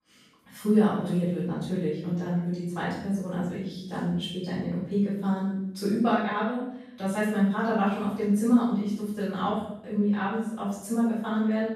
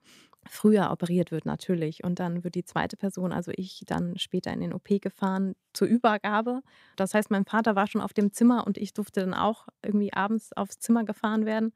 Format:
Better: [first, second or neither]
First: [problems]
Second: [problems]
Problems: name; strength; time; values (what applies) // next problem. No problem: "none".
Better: second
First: room echo; strong; dies away in 0.8 s // off-mic speech; far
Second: none